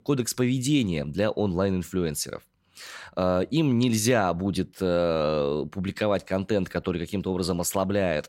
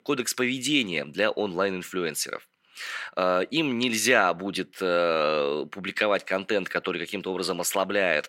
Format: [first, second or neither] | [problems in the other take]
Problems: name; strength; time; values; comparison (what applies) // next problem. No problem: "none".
first | thin; somewhat; fading below 300 Hz